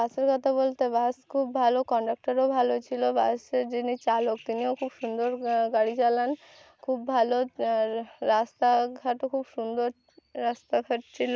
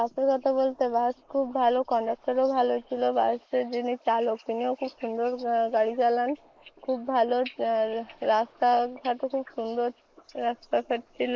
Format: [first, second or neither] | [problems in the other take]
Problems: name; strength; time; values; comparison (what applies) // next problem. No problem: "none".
first | noise reduction (neural mask model Resemble Enhance denoiser)